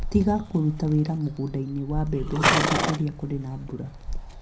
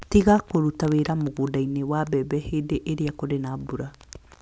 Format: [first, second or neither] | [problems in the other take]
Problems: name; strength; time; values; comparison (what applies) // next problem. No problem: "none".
second | background sound (Livestock, farm animals, working animals); 3 dB below the speech // room echo; dies away in 0.4 s